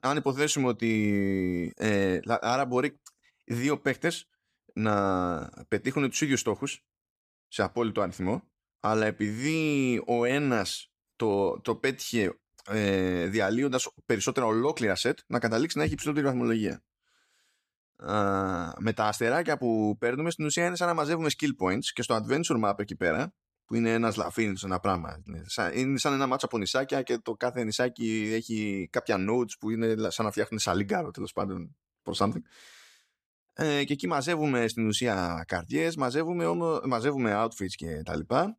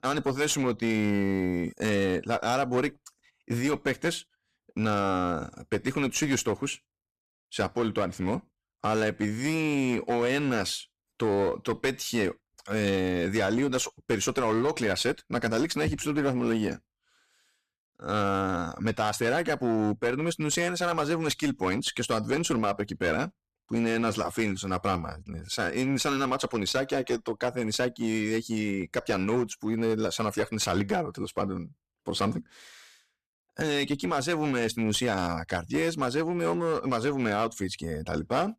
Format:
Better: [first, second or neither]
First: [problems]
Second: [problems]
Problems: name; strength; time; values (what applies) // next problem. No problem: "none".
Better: first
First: none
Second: distortion; slight; 9% of the sound clipped